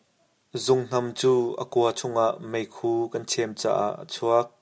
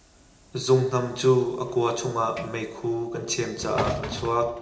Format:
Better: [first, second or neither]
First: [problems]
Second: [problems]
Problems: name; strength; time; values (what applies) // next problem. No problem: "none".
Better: first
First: none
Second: background sound (Sliding door / Train); 13 dB below the speech // room echo; dies away in 0.7 s